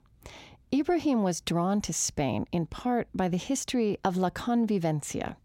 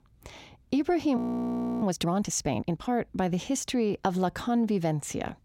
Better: first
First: none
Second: audio freezing; at 1 s for 0.5 s

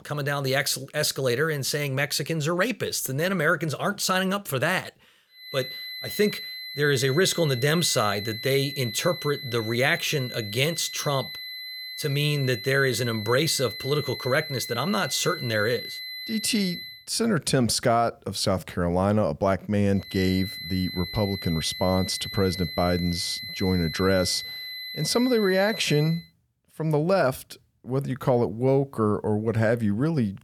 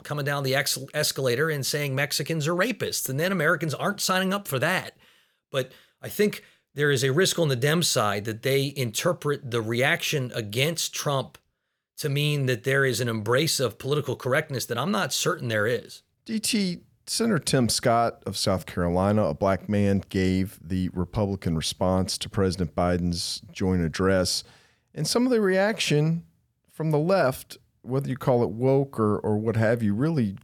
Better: second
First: high-pitched whine; loud; from 5.5 to 17 s and from 20 to 26 s; 4 kHz, 9 dB below the speech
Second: none

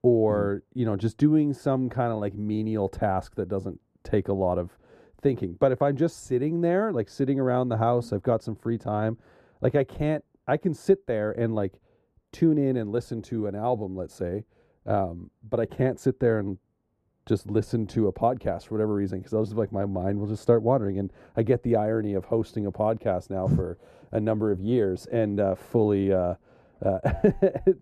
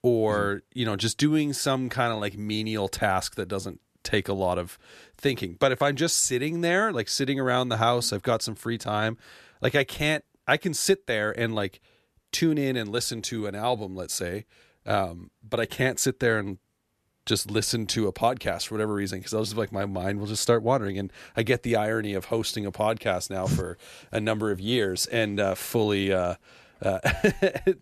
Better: second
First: muffled; very; fading above 1.5 kHz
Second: none

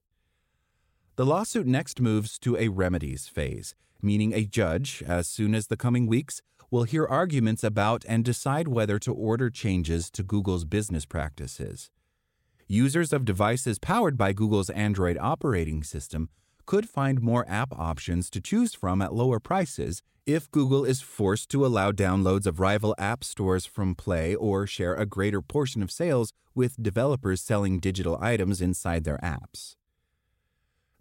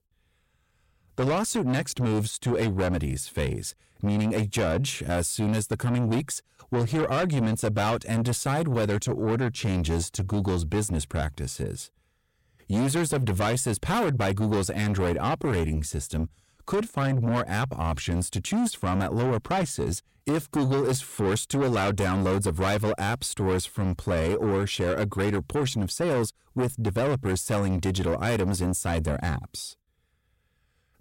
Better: first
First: none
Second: distortion; heavy; 8 dB below the speech

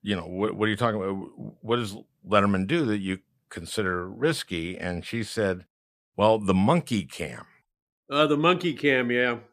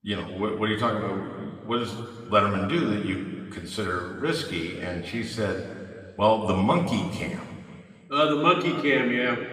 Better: first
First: none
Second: room echo; noticeable; dies away in 2 s // off-mic speech; somewhat distant

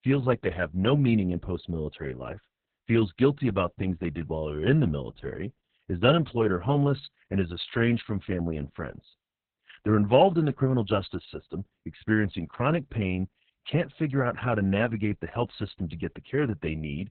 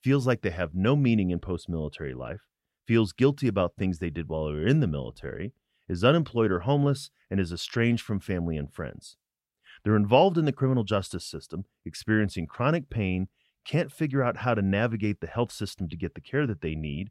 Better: second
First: garbled, watery; badly; nothing above 4 kHz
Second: none

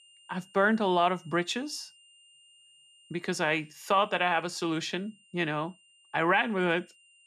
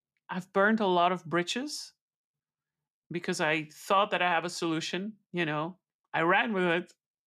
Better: second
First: high-pitched whine; faint; throughout; 3 kHz, 30 dB below the speech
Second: none

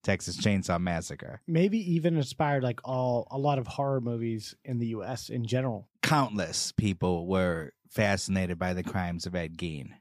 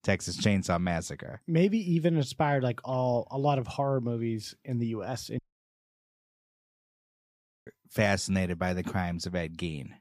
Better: first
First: none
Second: audio cutting out; at 5.5 s for 2.5 s

